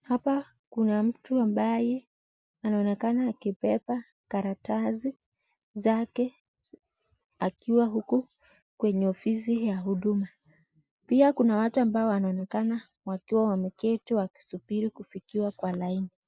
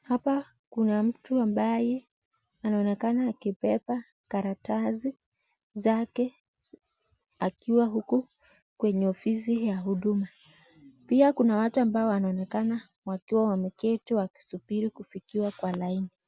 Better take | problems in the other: second | noise reduction (neural mask model Resemble Enhance denoiser)

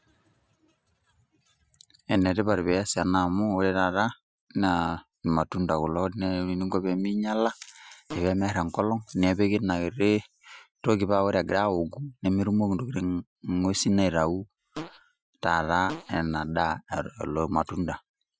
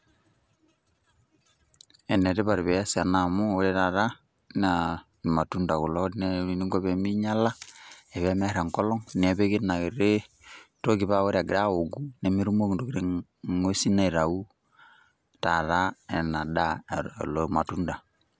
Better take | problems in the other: second | noise reduction (classical method Wiener filter)

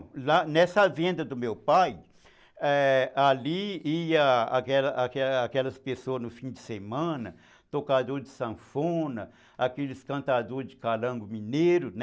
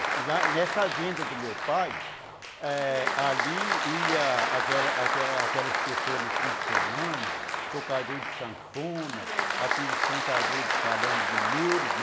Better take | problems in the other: first | background sound (Applause); 3 dB above the speech

